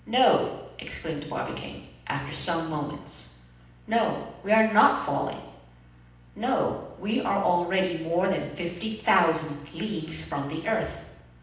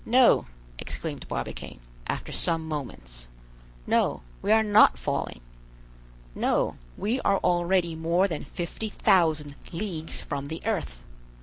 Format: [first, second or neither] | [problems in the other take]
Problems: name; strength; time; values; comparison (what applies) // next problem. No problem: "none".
second | room echo; dies away in 0.9 s